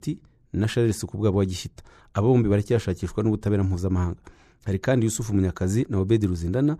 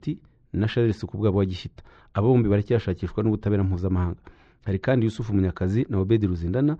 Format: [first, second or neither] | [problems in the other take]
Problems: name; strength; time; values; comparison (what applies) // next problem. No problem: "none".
first | muffled; slightly; fading above 4 kHz